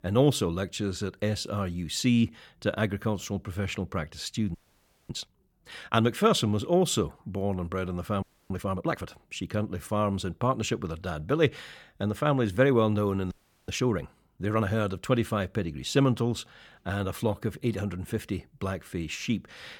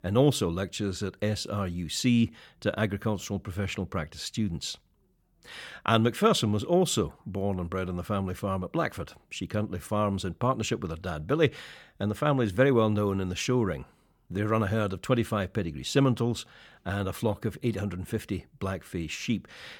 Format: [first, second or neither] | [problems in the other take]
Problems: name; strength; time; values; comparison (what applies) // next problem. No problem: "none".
second | audio freezing; at 4.5 s for 0.5 s, at 8 s and at 13 s